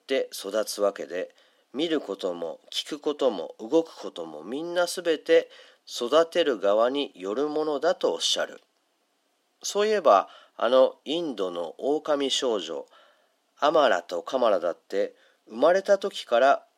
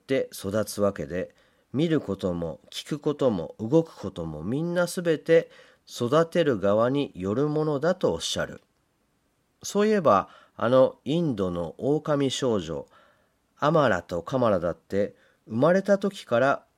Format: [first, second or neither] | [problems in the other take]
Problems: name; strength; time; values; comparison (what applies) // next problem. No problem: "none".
second | thin; somewhat; fading below 300 Hz